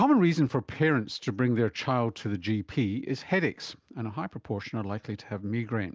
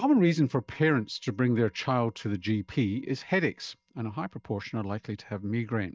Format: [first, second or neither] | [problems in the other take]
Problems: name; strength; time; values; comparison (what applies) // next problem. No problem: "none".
first | noise reduction (neural mask model DeepFilterNet 3)